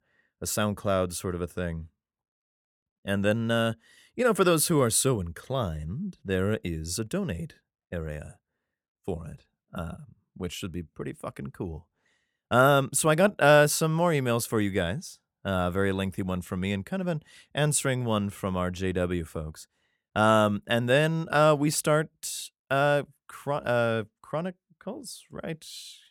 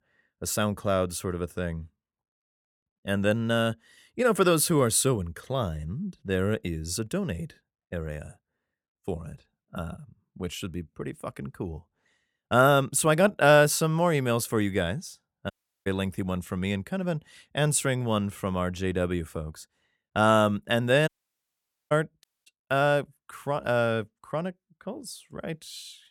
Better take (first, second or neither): first